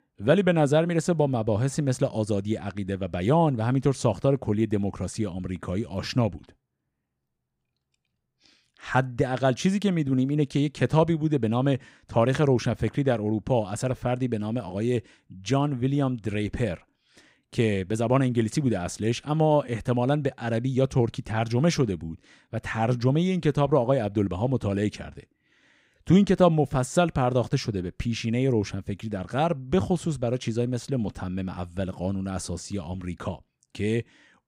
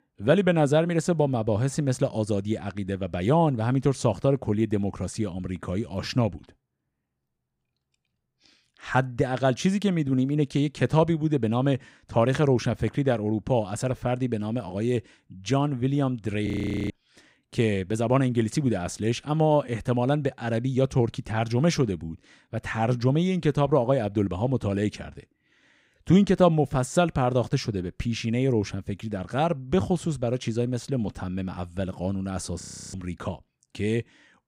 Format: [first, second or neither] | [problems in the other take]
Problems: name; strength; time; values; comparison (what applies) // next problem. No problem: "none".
first | audio freezing; at 16 s and at 33 s